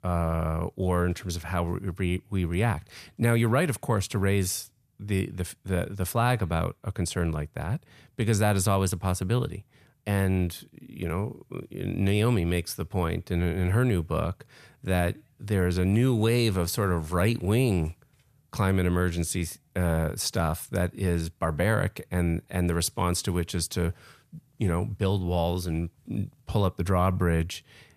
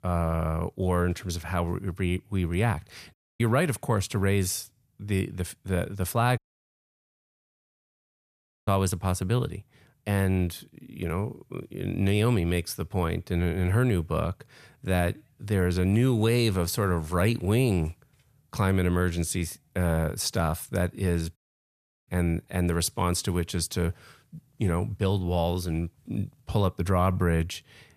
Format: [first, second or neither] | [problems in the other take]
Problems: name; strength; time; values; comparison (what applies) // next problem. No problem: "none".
first | audio cutting out; at 3 s, at 6.5 s for 2.5 s and at 21 s for 0.5 s